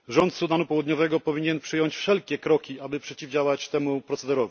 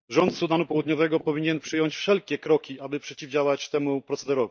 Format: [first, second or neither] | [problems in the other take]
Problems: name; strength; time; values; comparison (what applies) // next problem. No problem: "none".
first | noise reduction (neural mask model DeepFilterNet 3)